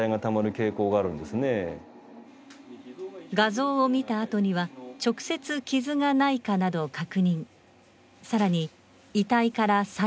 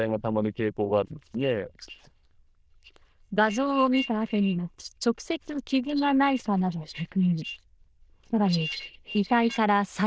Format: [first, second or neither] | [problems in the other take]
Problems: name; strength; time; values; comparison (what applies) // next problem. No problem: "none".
first | noise reduction (neural diffusion model UNIVERSE++)